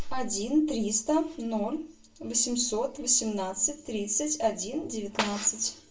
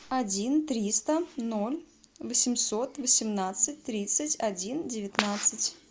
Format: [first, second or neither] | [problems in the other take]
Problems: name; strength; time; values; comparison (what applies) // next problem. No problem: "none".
second | room echo; dies away in 0.3 s